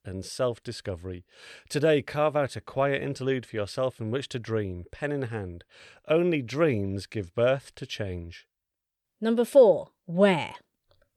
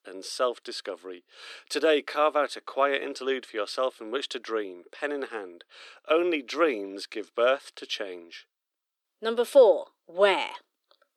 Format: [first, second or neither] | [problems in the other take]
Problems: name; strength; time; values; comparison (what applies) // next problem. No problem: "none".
first | thin; somewhat; fading below 300 Hz